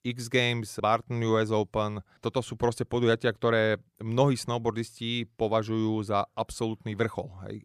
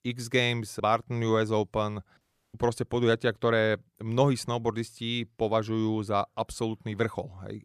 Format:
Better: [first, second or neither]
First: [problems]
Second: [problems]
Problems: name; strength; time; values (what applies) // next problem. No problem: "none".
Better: first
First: none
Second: audio cutting out; at 2 s